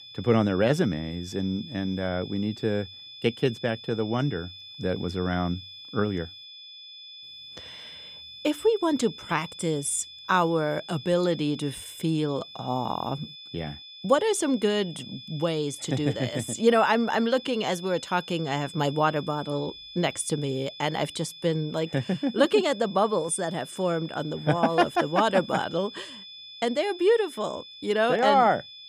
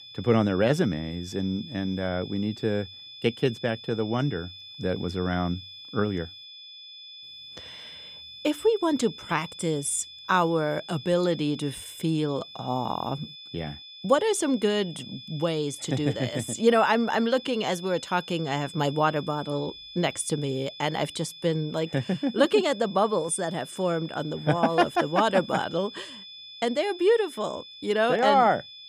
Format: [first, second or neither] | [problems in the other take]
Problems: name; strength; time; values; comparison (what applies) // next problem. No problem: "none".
neither | high-pitched whine; noticeable; throughout; 3.5 kHz, 15 dB below the speech; the same in both